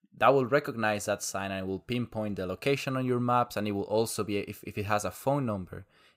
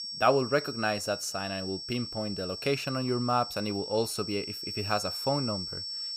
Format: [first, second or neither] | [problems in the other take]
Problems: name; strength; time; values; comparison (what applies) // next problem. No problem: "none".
first | high-pitched whine; loud; throughout; 5.5 kHz, 5 dB below the speech